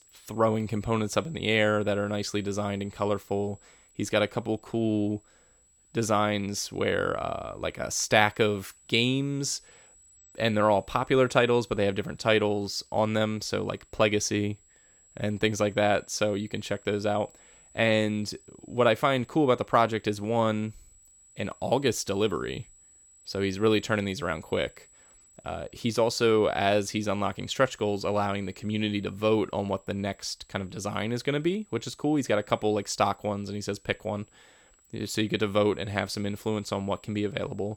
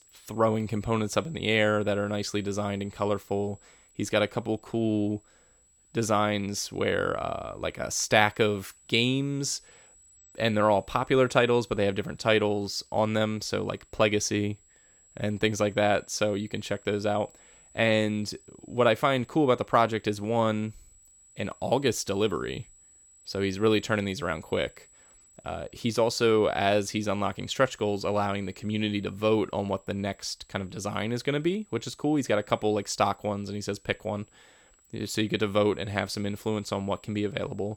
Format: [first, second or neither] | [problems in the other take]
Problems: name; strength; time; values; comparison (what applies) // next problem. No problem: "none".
neither | high-pitched whine; faint; throughout; 8 kHz, 30 dB below the speech; the same in both